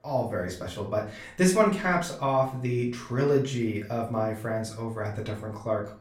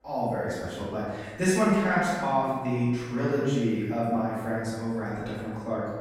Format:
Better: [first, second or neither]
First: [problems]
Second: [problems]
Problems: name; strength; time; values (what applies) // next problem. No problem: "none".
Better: first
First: room echo; slight; dies away in 0.4 s // off-mic speech; far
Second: room echo; strong; dies away in 1.2 s // off-mic speech; far